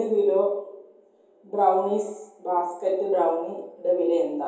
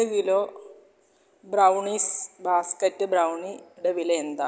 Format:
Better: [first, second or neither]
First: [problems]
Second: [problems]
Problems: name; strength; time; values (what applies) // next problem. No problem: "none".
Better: second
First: room echo; dies away in 0.7 s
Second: none